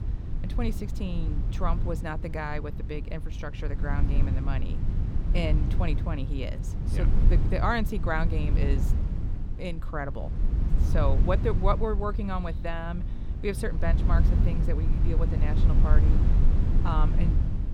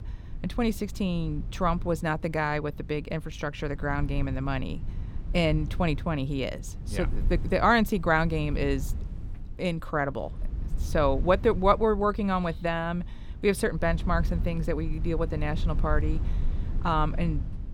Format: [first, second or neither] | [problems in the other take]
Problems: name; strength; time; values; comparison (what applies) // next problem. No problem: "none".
second | low rumble; loud; throughout; 8 dB below the speech; faint in the second